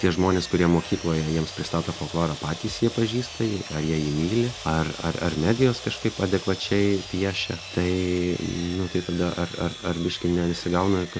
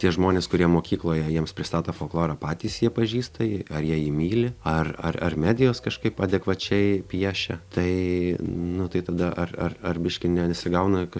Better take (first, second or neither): second